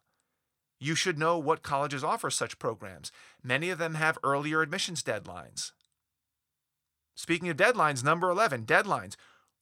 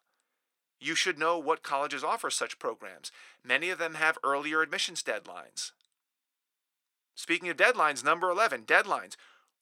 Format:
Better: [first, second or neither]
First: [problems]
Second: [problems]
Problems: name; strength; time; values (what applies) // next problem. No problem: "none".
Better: first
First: none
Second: thin; somewhat; fading below 300 Hz